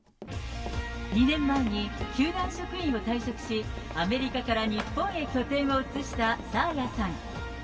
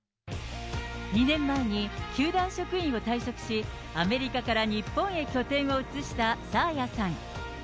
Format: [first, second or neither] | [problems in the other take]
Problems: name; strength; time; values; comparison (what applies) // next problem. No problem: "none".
second | background sound (Run); 17 dB below the speech // room echo; dies away in 2.4 s